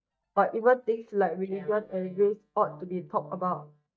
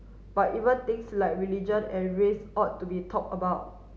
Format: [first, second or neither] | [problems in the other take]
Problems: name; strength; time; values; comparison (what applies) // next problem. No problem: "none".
second | noise reduction (neural mask model DeepFilterNet 3)